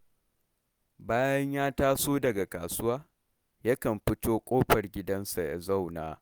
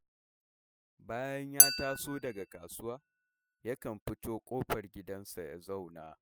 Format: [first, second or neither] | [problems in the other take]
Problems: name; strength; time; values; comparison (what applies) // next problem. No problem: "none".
first | noise reduction (classical method spectral subtraction)